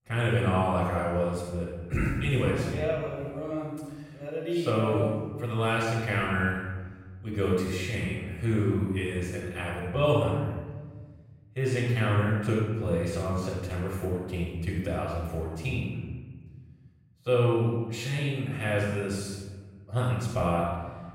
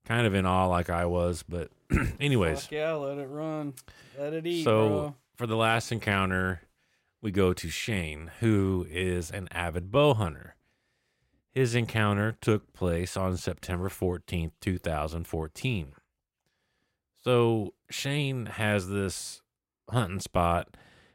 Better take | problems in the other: second | room echo; strong; dies away in 1.3 s // off-mic speech; far

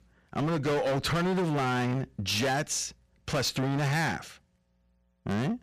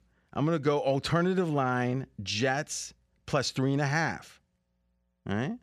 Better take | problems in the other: second | distortion; heavy; 21% of the sound clipped

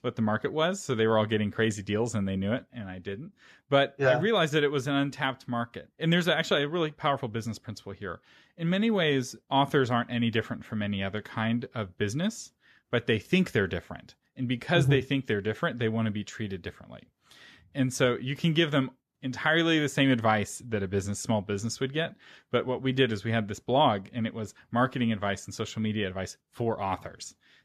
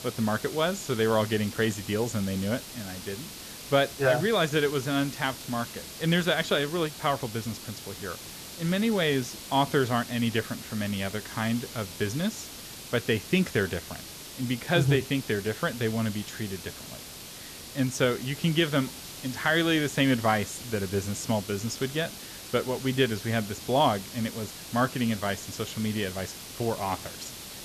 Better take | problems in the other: first | hiss; noticeable; throughout; 10 dB below the speech

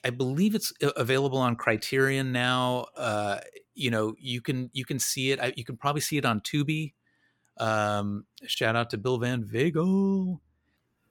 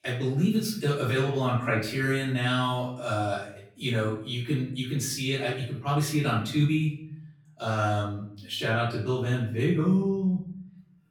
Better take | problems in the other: first | off-mic speech; far // room echo; noticeable; dies away in 0.7 s

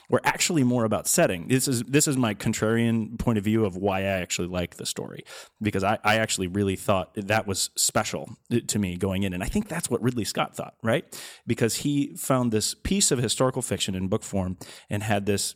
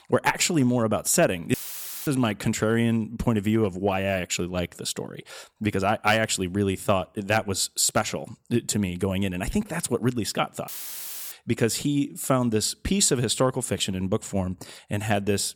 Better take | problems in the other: first | audio cutting out; filled with static; at 1.5 s for 0.5 s and at 11 s for 0.5 s

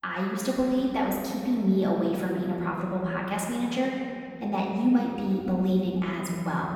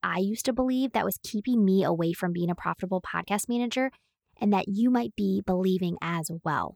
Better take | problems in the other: second | room echo; noticeable; dies away in 2.9 s // off-mic speech; far

